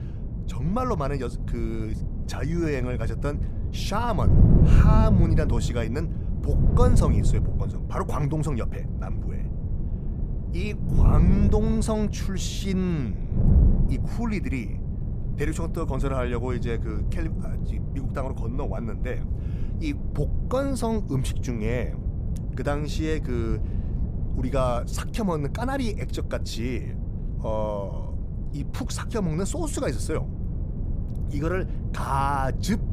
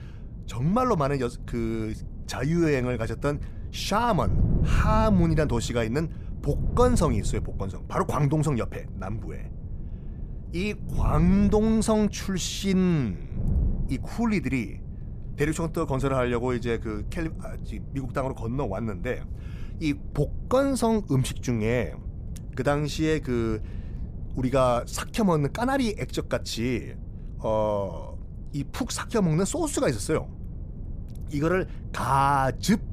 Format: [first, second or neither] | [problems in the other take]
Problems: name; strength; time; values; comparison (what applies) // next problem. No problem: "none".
second | wind noise on the microphone; heavy; 9 dB below the speech; occasional gusts in the second